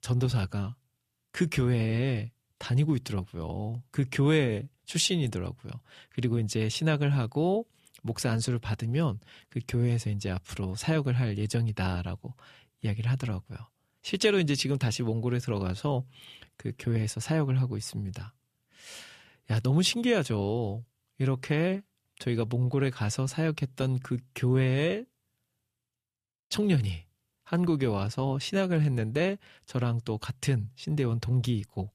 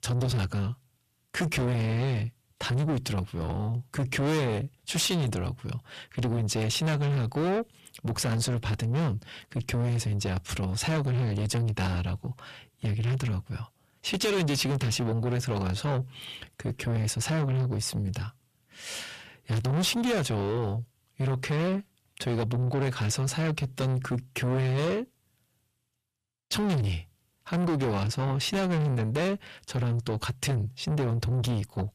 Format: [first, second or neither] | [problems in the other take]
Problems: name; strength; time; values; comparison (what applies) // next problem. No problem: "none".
first | distortion; heavy; 6 dB below the speech